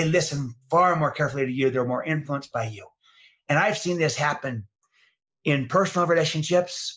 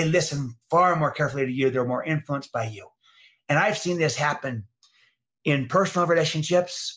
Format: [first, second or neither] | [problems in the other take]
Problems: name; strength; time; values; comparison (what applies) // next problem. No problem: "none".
second | noise reduction (neural mask model Resemble Enhance denoiser)